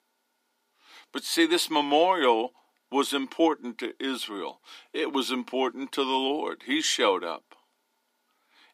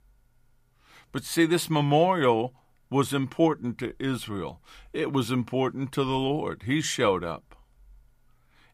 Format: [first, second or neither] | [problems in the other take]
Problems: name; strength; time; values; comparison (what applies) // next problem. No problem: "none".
second | thin; very slightly; fading below 250 Hz